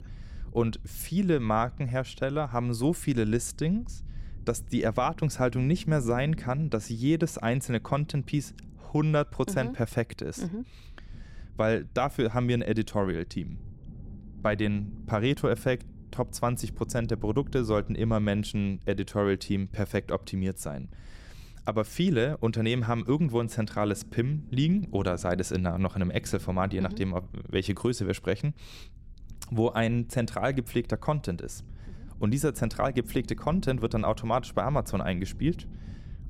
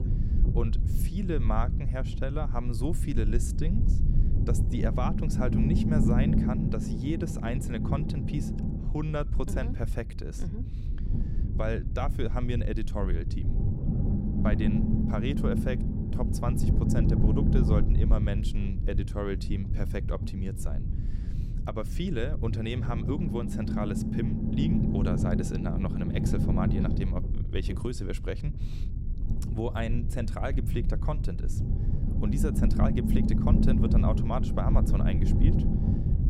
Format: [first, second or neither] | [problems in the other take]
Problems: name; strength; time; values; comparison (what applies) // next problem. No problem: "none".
first | low rumble; loud; throughout; 2 dB below the speech; faint in the first